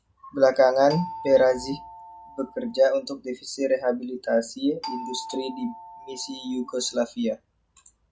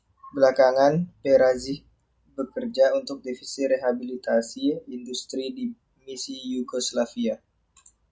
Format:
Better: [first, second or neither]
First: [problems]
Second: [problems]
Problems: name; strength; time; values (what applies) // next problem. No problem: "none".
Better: second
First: background sound (Doorbell); 14 dB below the speech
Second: none